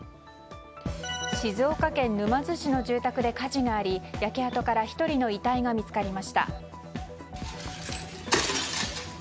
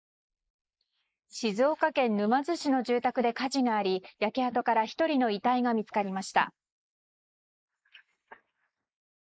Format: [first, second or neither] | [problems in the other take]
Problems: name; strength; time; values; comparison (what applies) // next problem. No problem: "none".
first | noise reduction (neural mask model Resemble Enhance denoiser)